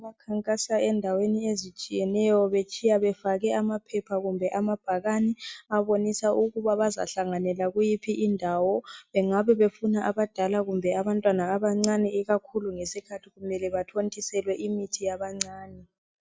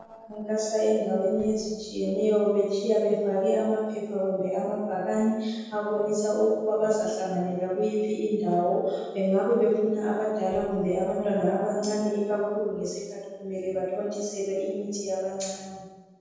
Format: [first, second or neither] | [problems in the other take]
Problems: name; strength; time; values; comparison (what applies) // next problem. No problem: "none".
first | noise reduction (neural separator model SepFormer DNS4)